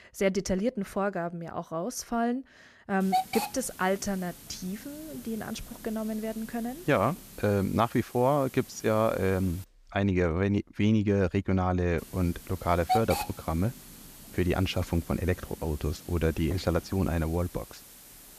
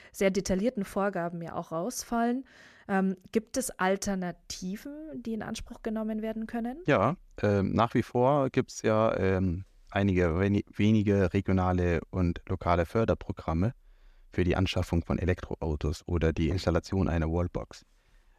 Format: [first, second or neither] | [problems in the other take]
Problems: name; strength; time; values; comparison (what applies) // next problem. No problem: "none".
second | hiss; noticeable; from 3 to 9.5 s and from 12 s on; 10 dB below the speech